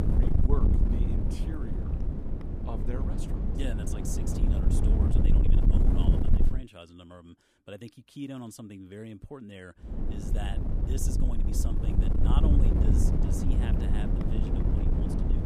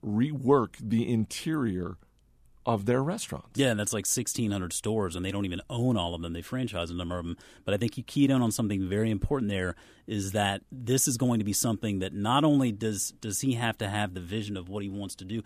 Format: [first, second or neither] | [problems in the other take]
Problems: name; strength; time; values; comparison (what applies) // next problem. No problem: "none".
second | wind noise on the microphone; heavy; until 6.5 s and from 10 s on; 4 dB above the speech